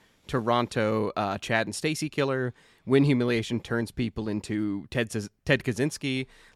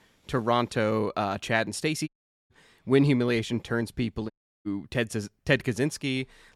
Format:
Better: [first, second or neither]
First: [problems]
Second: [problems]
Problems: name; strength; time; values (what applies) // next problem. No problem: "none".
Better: first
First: none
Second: audio cutting out; at 2 s and at 4.5 s